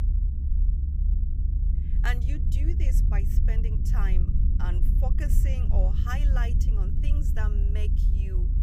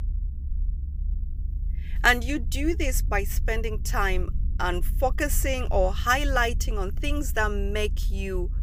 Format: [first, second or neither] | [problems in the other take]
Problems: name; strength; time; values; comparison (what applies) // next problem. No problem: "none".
second | low rumble; loud; throughout; 5 dB below the speech; faint in the second